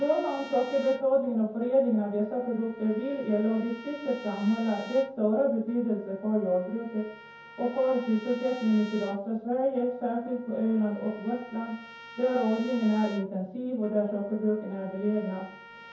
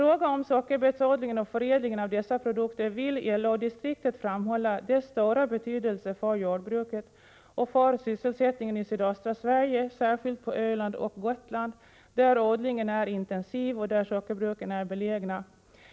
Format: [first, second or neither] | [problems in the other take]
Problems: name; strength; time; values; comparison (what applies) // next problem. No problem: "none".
second | background sound (Trumpet); 19 dB below the speech // room echo; dies away in 0.6 s